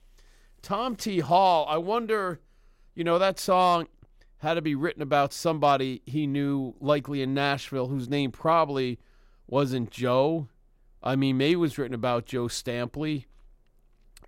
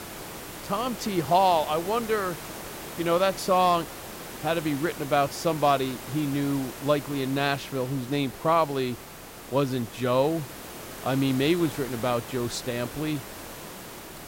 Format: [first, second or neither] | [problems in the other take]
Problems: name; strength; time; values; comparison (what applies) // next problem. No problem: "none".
first | hiss; noticeable; throughout; 10 dB below the speech